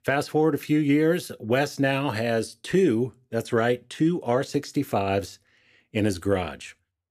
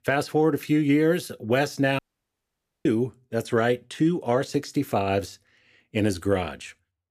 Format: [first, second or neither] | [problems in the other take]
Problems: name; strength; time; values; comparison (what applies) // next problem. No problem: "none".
first | audio cutting out; at 2 s for 1 s